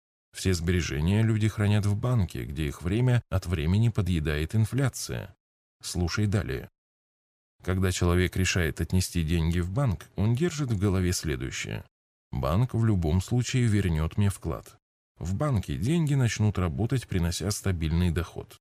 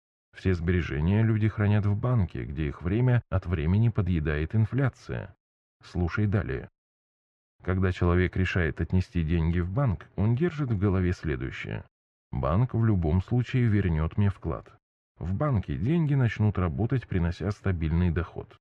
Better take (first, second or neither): first